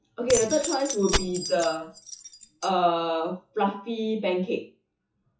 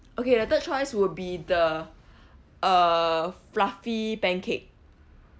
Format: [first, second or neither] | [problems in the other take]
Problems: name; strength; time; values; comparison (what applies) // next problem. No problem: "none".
second | noise reduction (classical method WPE with log-MMSE)